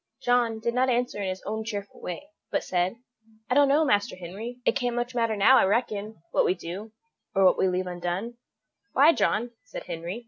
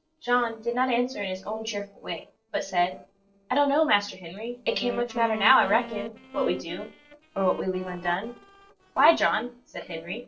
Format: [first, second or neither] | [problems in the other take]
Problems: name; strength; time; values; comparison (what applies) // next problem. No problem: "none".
first | noise reduction (neural separator model SepFormer DNS4)